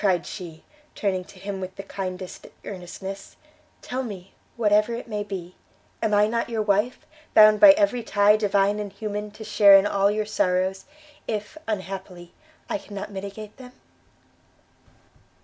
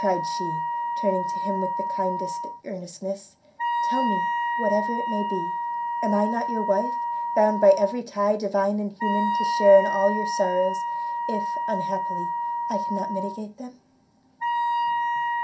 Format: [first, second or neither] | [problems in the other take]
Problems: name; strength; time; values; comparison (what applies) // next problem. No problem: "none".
first | background sound (Wind instrument, woodwind instrument); 1 dB below the speech // room echo; dies away in 0.3 s